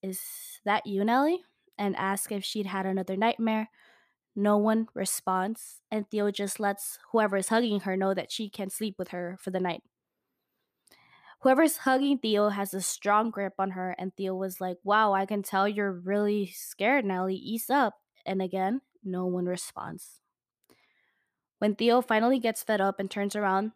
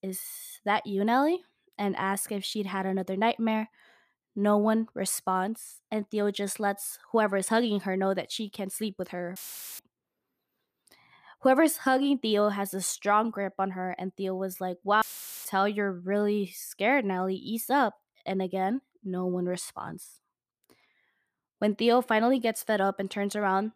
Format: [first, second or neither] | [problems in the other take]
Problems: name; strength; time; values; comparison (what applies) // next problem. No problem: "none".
first | audio cutting out; filled with static; at 9.5 s and at 15 s